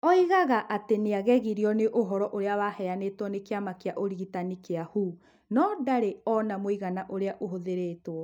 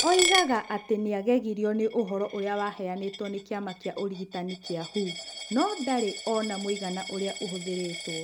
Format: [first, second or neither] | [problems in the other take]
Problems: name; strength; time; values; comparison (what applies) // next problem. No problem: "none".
first | background sound (Coin (dropping)); 7 dB below the speech